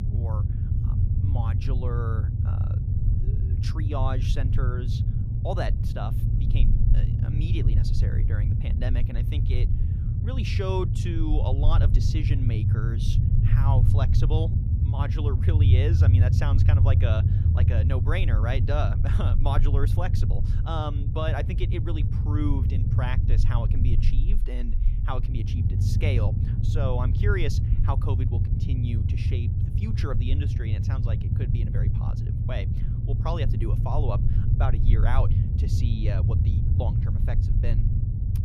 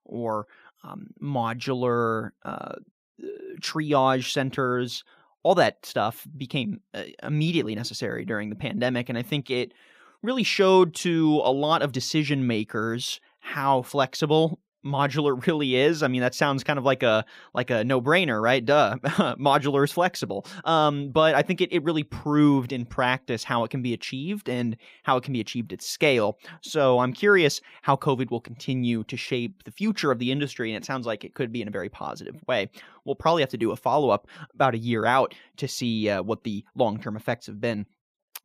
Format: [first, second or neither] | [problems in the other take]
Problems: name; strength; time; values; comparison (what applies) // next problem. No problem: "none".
second | low rumble; loud; throughout; 3 dB below the speech